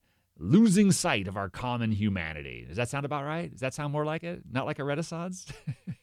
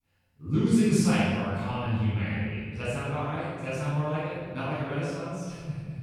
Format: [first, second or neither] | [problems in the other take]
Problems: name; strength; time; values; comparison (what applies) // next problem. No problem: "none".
first | off-mic speech; far // room echo; strong; dies away in 1.7 s